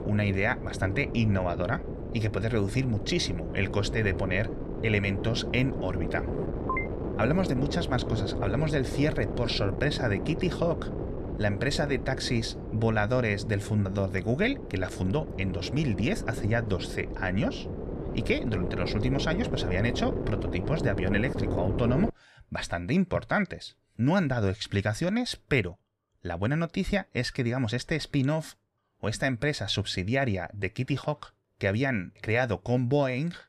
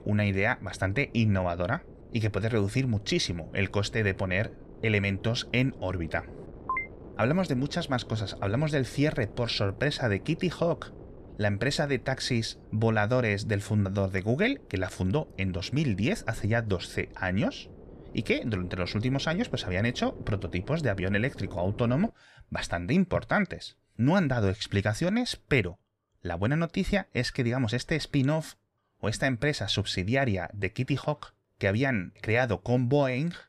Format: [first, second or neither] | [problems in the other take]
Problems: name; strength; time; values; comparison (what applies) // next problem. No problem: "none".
second | wind noise on the microphone; heavy; until 22 s; 7 dB below the speech; occasional gusts in the second